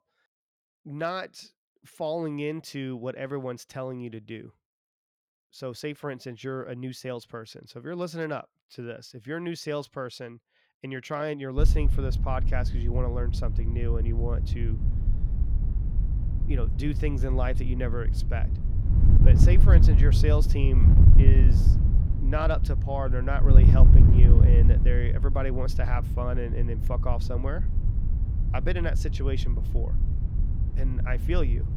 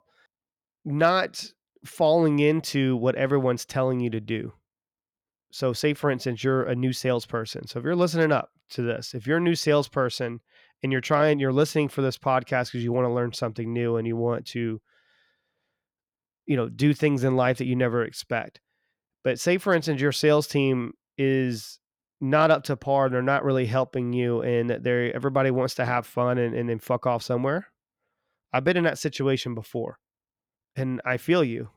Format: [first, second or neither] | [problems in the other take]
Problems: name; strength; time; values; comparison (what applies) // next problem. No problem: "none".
second | wind noise on the microphone; heavy; from 12 s on; 5 dB below the speech